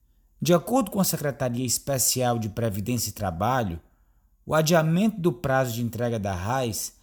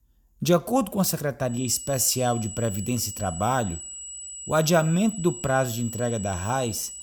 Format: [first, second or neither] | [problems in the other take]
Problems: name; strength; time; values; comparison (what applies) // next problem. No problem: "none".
first | high-pitched whine; noticeable; from 1.5 s on; 8 kHz, 10 dB below the speech